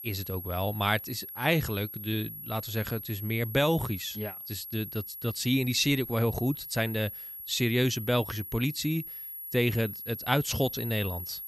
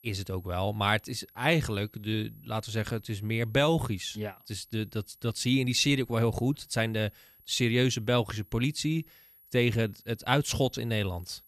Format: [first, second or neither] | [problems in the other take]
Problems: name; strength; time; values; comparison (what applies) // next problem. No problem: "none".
second | high-pitched whine; loud; throughout; 11.5 kHz, 9 dB below the speech; faint in the second